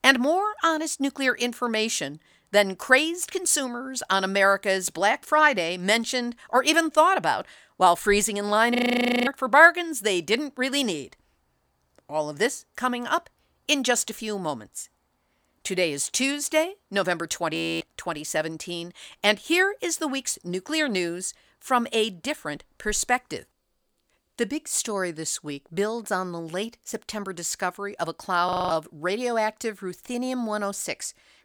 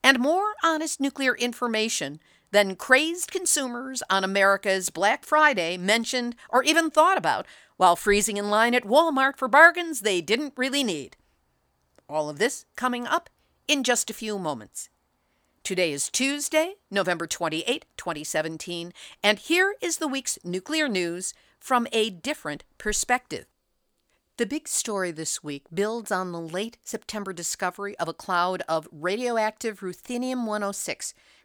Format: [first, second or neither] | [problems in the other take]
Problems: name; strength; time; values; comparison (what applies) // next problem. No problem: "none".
second | audio freezing; at 9 s for 0.5 s, at 18 s and at 28 s